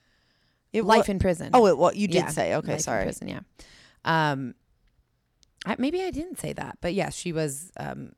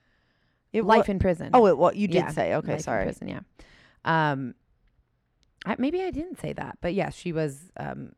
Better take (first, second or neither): first